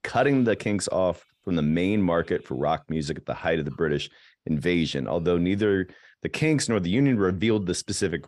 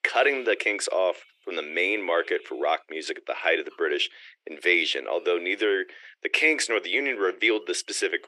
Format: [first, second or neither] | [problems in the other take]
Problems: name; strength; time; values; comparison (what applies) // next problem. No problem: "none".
first | thin; very; fading below 350 Hz